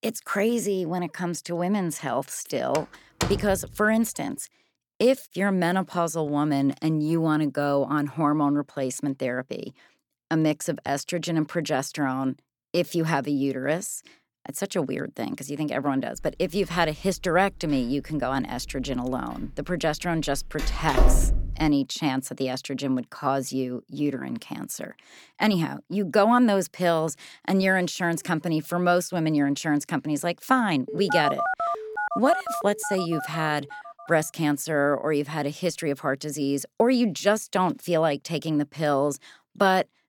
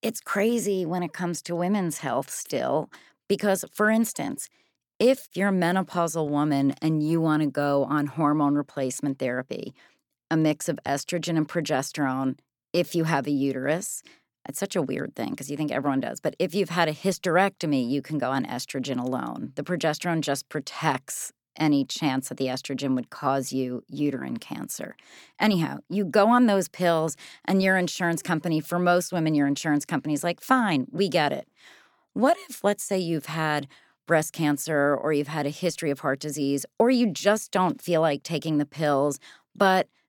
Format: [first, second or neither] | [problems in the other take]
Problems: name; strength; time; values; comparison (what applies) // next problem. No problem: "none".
second | door banging; noticeable; at 3 s; peak 3 dB below the speech // door banging; loud; from 21 to 22 s; peak 3 dB above the speech // phone ringing; loud; from 31 to 34 s; peak level with the speech